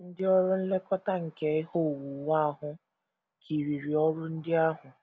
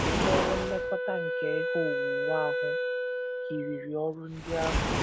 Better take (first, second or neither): first